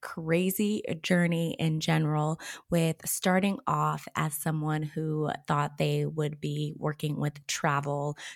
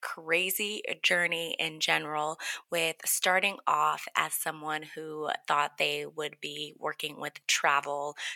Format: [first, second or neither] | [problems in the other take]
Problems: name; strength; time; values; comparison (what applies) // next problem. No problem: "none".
first | thin; very; fading below 600 Hz